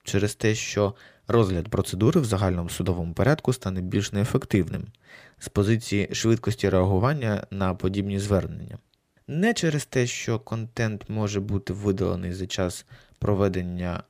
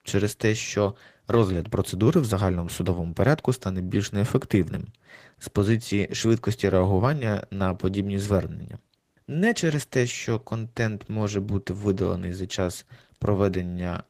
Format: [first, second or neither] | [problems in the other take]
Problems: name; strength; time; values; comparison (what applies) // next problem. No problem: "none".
first | garbled, watery; slightly; nothing above 15 kHz